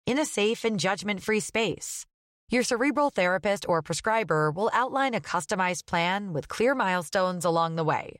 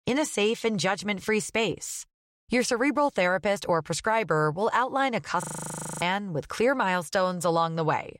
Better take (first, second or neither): first